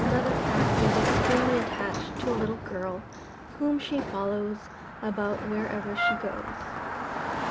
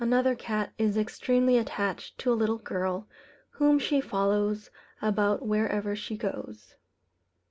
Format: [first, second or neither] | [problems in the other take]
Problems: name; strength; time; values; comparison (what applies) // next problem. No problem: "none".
second | background sound (Car passing by + Trumpet); 1 dB above the speech